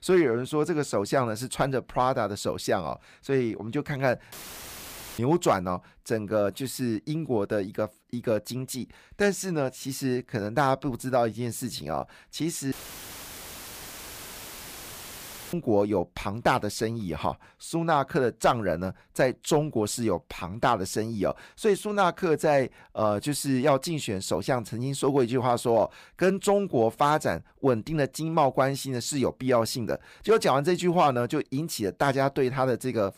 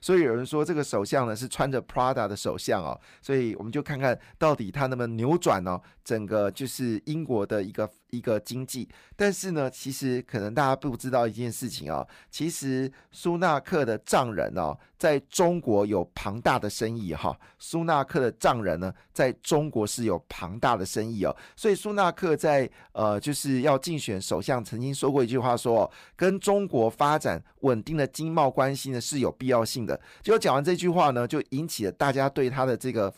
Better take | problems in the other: second | audio cutting out; filled with static; at 4.5 s for 1 s and at 13 s for 3 s

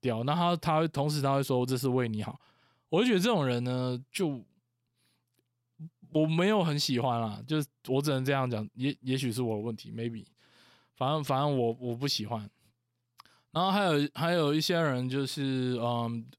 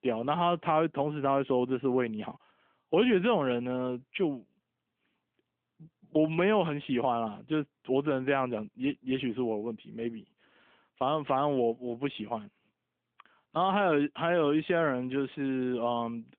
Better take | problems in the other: first | phone-call audio; nothing above 3.5 kHz

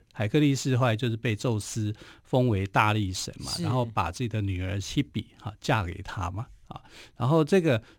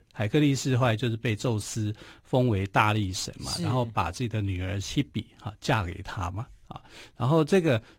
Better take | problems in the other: first | garbled, watery; slightly; nothing above 15.5 kHz

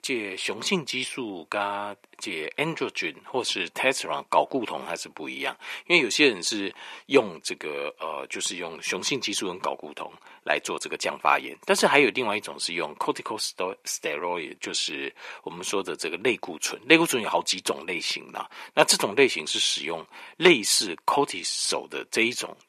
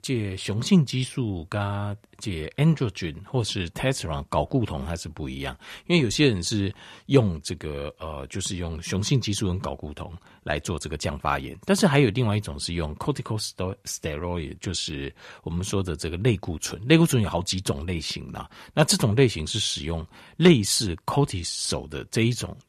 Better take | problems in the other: second | thin; very; fading below 300 Hz

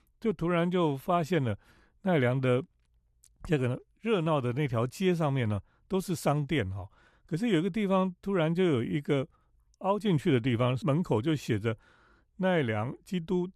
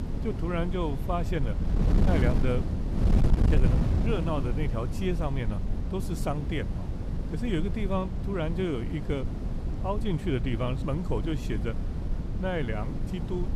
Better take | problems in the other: first | wind noise on the microphone; heavy; 6 dB below the speech

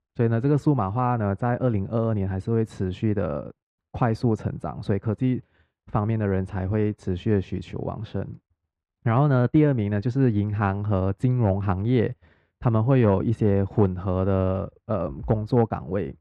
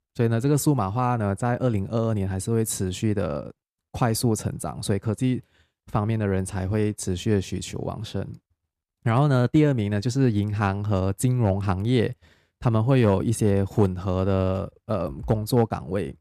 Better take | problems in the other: second | muffled; very; fading above 2 kHz

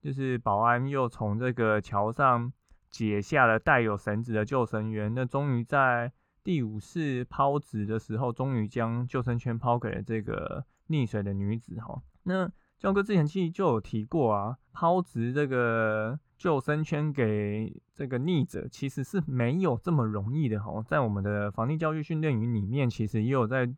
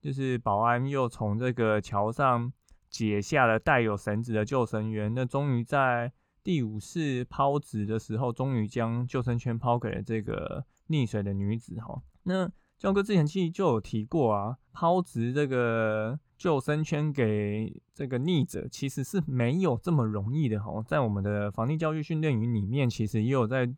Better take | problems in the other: second | muffled; very slightly; fading above 3.5 kHz

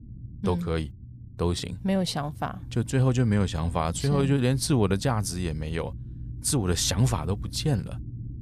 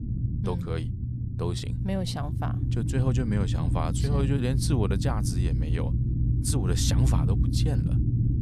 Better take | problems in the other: first | low rumble; loud; throughout; 5 dB below the speech; faint in the first

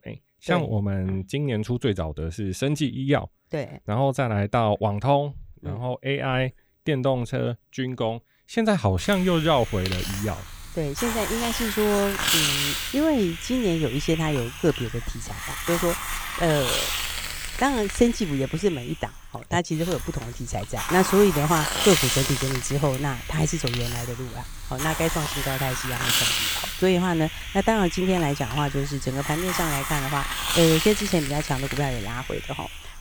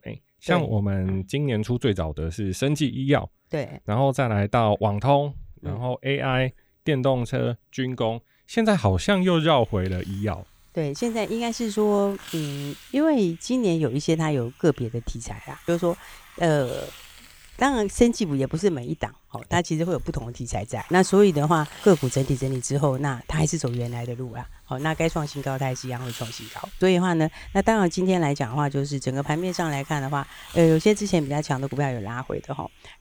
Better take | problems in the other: second | hiss; loud; from 9 s on; 2 dB below the speech; faint in the second

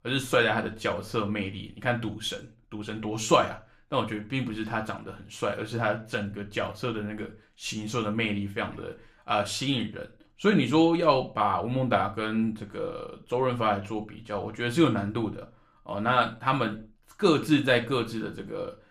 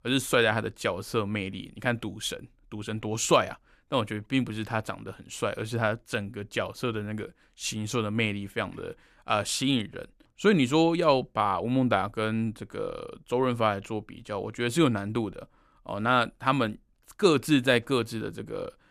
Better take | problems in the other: second | room echo; very slight; dies away in 0.3 s // off-mic speech; somewhat distant

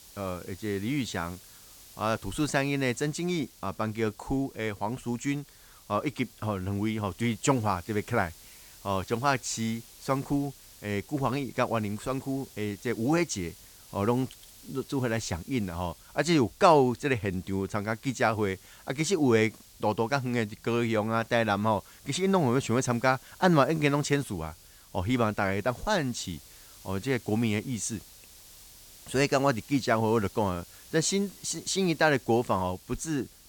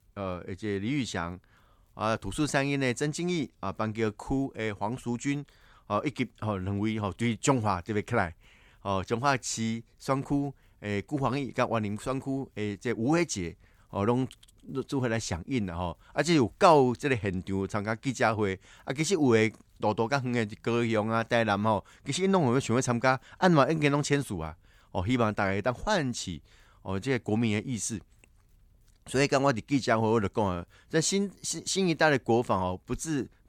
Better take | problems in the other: second | hiss; faint; throughout; 20 dB below the speech

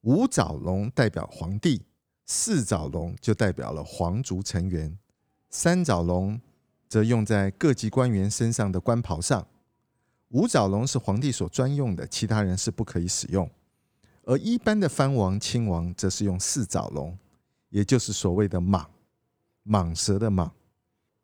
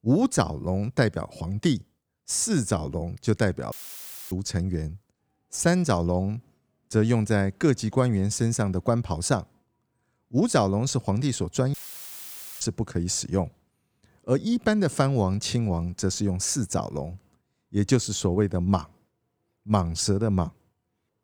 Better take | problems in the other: first | audio cutting out; filled with static; at 3.5 s for 0.5 s and at 12 s for 1 s

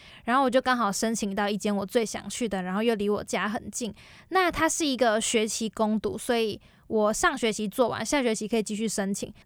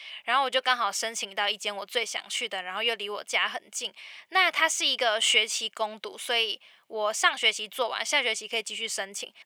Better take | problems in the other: first | thin; very; fading below 700 Hz

